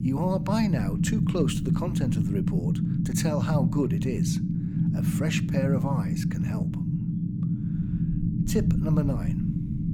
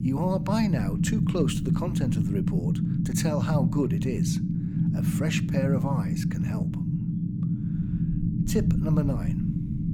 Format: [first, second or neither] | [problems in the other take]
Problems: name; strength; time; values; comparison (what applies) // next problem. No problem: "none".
neither | low rumble; loud; throughout; 2 dB below the speech; the same in both